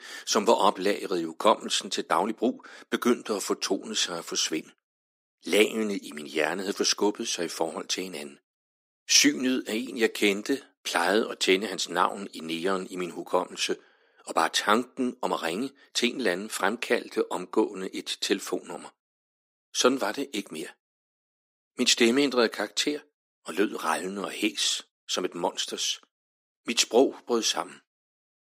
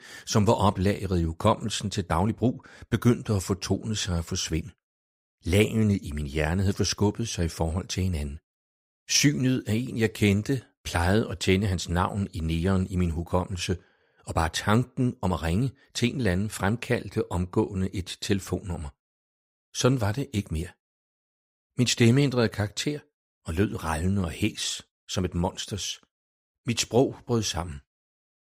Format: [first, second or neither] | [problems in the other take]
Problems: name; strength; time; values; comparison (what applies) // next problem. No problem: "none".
second | thin; somewhat; fading below 250 Hz